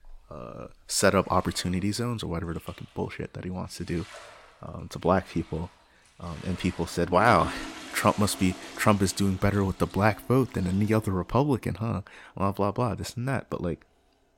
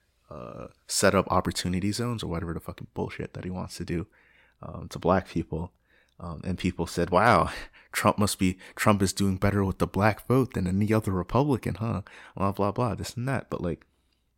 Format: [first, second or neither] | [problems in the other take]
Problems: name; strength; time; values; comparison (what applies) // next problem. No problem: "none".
second | household noises; noticeable; throughout; 15 dB below the speech